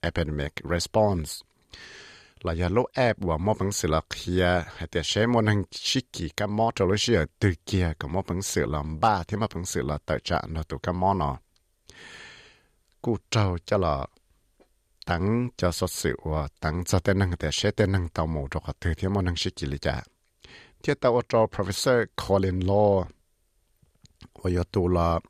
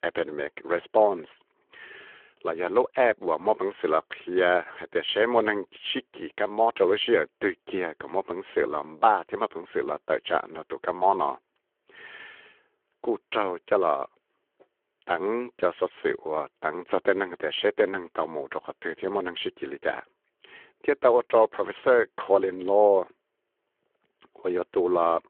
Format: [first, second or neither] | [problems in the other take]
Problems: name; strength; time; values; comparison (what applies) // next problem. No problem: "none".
first | phone-call audio